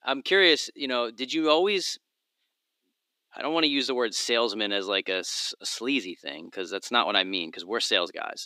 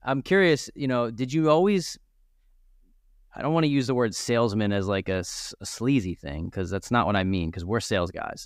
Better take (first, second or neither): second